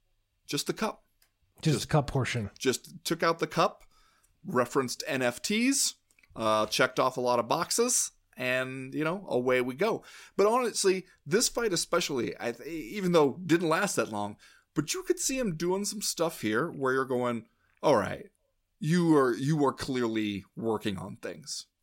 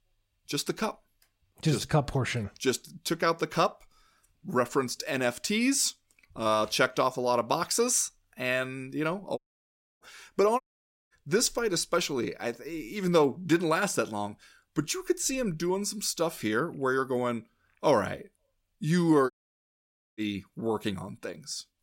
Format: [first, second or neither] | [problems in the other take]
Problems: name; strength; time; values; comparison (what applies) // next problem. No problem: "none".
first | audio cutting out; at 9.5 s for 0.5 s, at 11 s for 0.5 s and at 19 s for 1 s